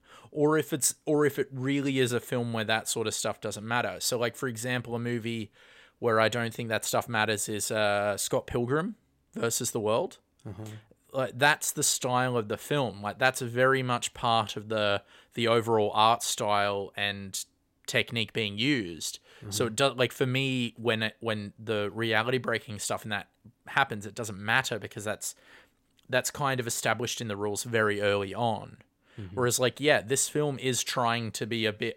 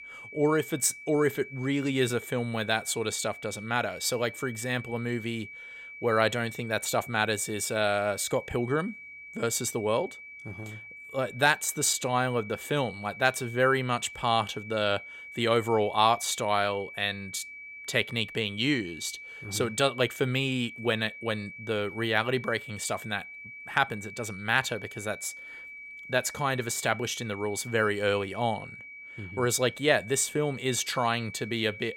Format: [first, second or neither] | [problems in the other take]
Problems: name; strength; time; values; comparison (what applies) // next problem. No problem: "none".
first | high-pitched whine; noticeable; throughout; 2.5 kHz, 15 dB below the speech